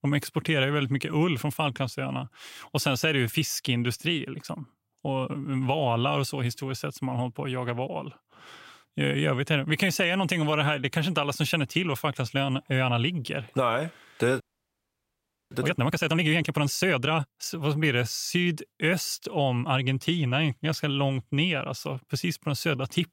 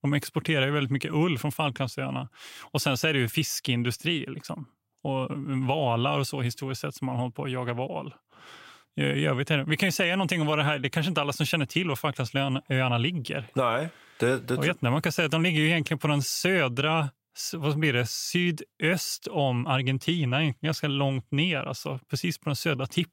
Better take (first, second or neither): second